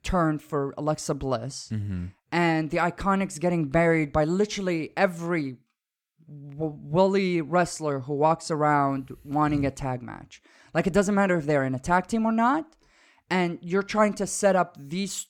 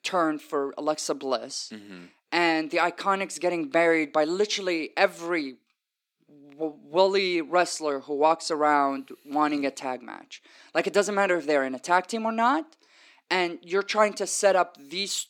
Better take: first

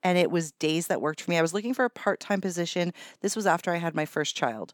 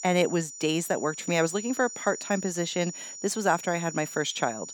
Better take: first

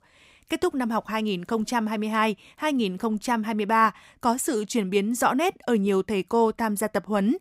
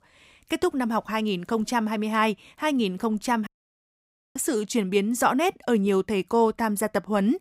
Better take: first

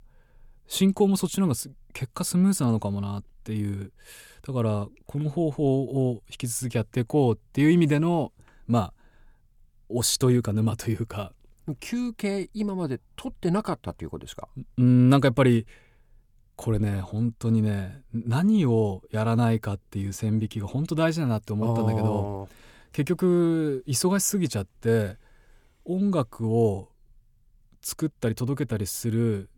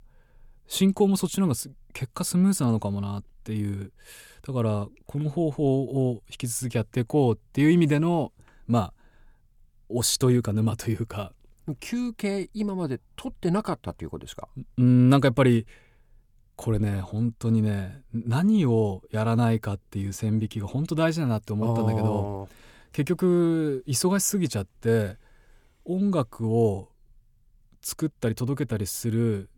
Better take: neither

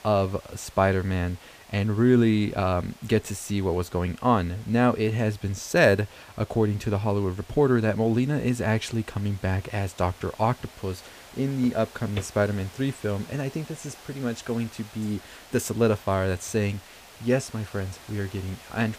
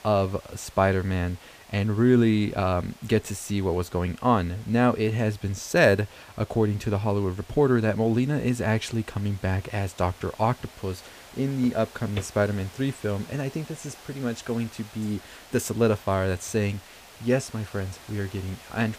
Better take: neither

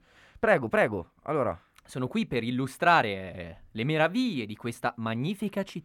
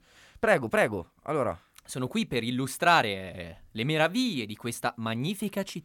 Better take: second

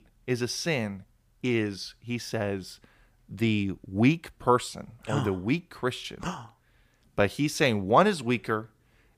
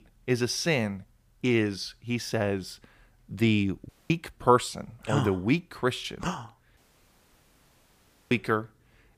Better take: first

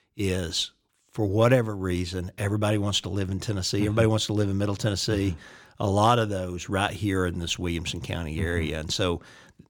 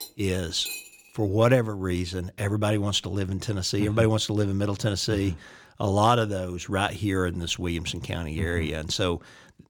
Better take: first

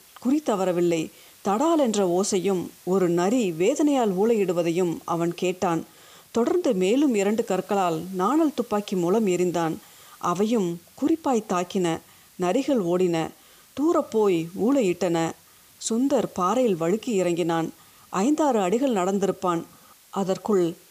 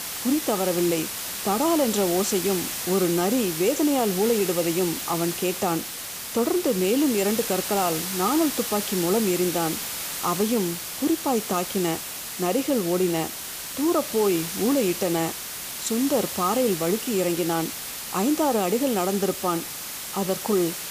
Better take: first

